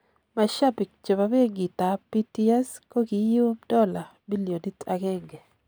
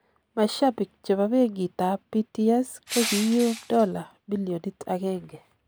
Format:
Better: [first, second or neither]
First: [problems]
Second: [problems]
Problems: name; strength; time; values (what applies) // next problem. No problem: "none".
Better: first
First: none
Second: background sound (Crushing); 9 dB below the speech